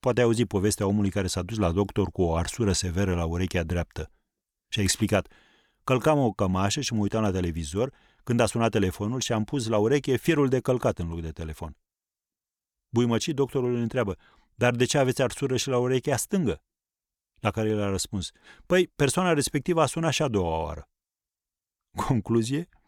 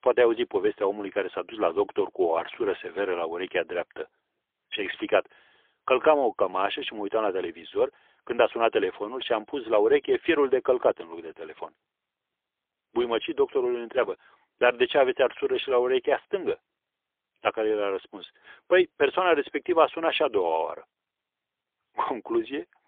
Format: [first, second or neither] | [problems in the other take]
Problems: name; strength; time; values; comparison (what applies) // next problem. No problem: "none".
first | phone-call audio; poor line; nothing above 3.5 kHz